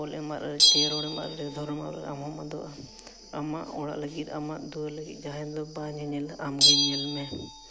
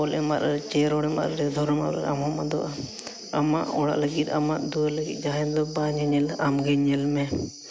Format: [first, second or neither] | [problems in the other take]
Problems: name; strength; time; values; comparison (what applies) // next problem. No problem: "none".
second | background sound (Bell); 4 dB above the speech